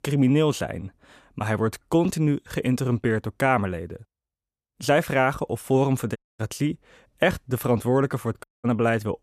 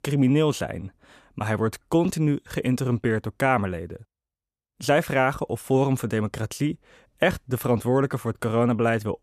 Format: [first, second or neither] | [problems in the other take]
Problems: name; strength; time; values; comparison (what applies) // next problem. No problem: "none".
second | audio cutting out; at 6 s and at 8.5 s